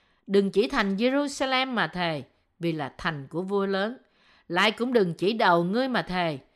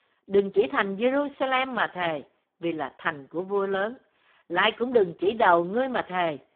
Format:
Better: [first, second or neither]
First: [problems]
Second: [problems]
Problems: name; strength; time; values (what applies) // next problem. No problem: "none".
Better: first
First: none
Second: phone-call audio; poor line